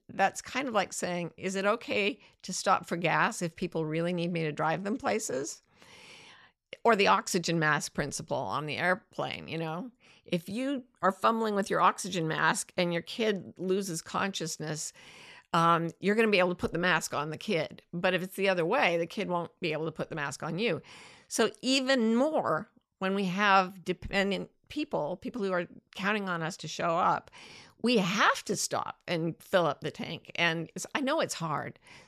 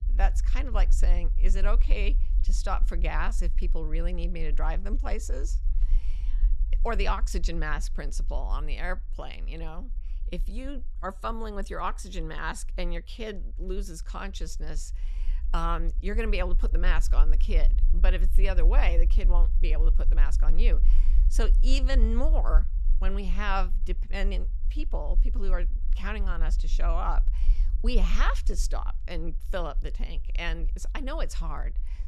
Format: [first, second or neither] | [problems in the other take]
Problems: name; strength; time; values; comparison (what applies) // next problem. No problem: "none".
first | low rumble; noticeable; throughout; 20 dB below the speech